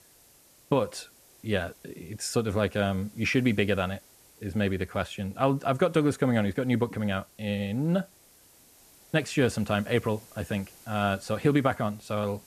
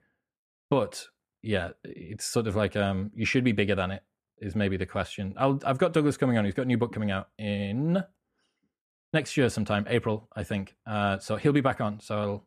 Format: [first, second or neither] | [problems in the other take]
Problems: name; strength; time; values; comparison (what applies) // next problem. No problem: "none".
second | hiss; faint; throughout; 25 dB below the speech